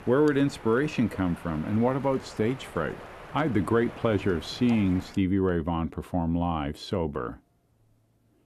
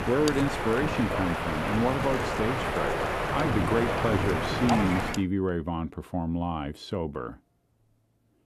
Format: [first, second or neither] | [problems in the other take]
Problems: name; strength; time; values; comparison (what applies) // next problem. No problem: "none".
first | wind noise on the microphone; heavy; until 5 s; 3 dB above the speech; occasional gusts in the first